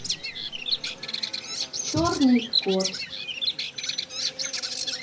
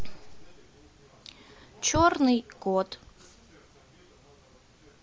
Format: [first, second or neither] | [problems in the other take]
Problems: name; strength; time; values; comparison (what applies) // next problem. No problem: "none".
second | background sound (Bird vocalization, bird call, bird song); 1 dB below the speech // room echo; dies away in 0.4 s